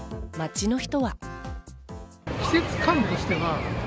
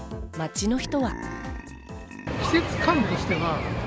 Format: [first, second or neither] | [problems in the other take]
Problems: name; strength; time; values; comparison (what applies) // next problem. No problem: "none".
first | background sound (Burping, eructation); 14 dB below the speech